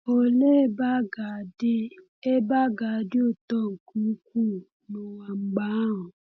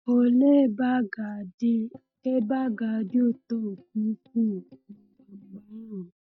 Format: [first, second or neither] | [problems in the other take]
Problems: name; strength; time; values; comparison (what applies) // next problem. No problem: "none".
first | noise reduction (neural mask model DeepFilterNet 3)